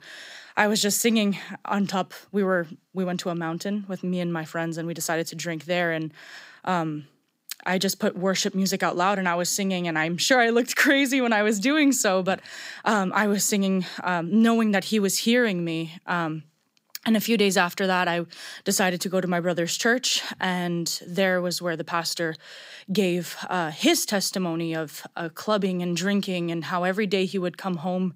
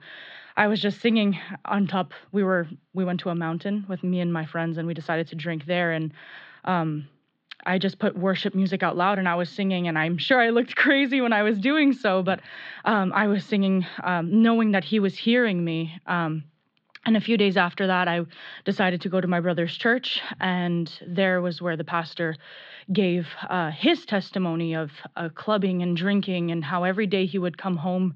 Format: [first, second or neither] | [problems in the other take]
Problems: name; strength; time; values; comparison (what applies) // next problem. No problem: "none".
first | muffled; very; fading above 3.5 kHz